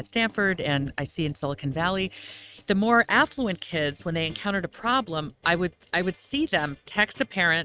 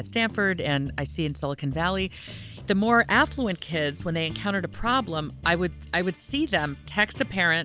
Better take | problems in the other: second | noise reduction (neural mask model RNNoise)

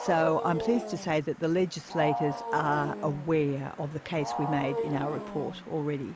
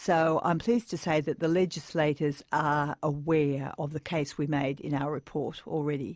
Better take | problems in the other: second | background sound (Wild animals); 7 dB below the speech

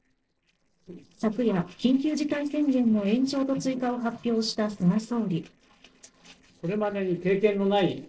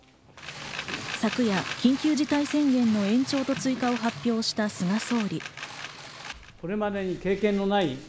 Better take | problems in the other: second | noise reduction (neural separator model SepFormer DNS4)

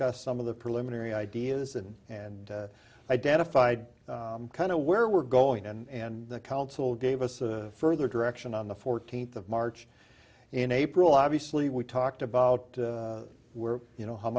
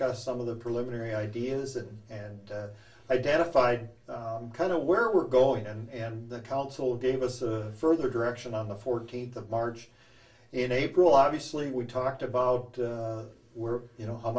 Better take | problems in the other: first | room echo; dies away in 0.2 s

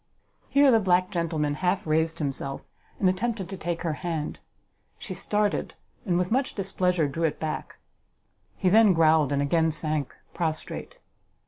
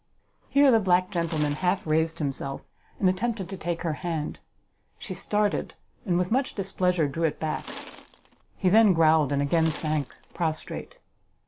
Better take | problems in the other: first | background sound (Tools); 17 dB below the speech

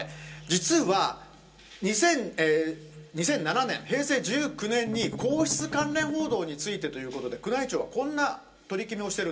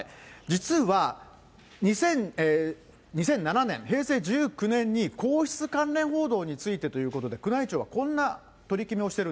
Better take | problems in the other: second | background sound (Strum); 10 dB below the speech // room echo; dies away in 0.2 s

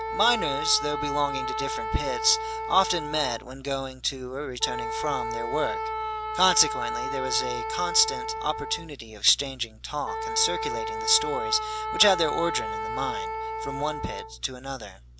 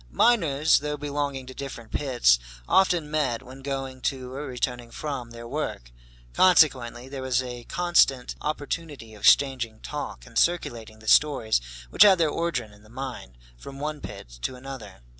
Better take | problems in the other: second | background sound (Wind instrument, woodwind instrument); 4 dB below the speech

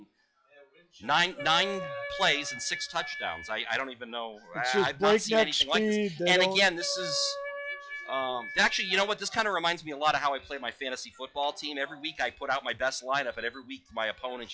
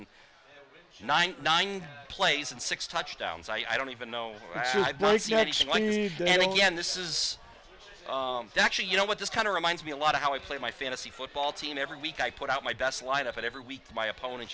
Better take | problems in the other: second | noise reduction (classical method log-MMSE)

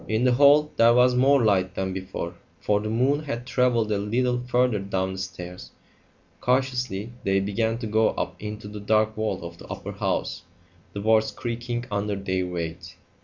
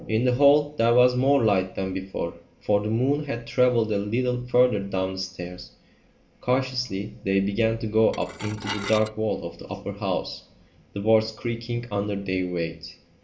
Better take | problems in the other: first | background sound (Dishes, pots, and pans / Glass); 11 dB below the speech // room echo; dies away in 0.5 s

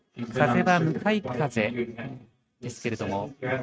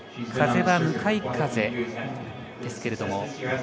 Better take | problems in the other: second | noise reduction (neural mask model RNNoise)

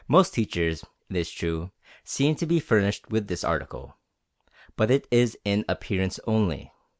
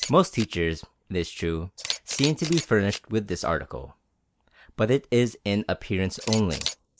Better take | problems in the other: first | noise reduction (neural mask model Resemble Enhance denoiser)

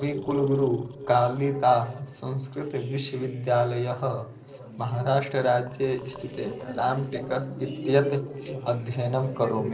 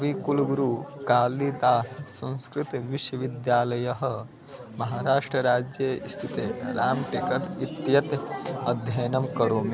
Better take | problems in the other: second | noise reduction (neural separator model SepFormer DNS4)

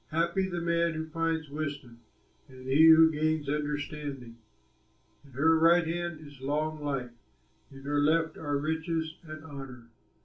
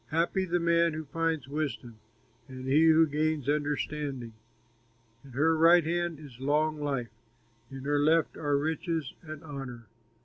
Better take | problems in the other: second | room echo; dies away in 0.2 s

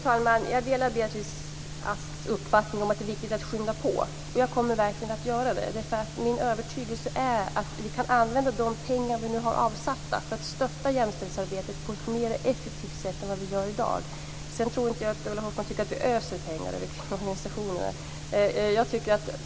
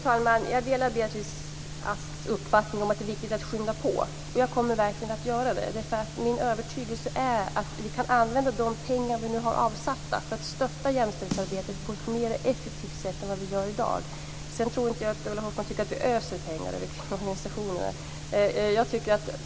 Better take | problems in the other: first | background sound (Snare drum); 13 dB below the speech

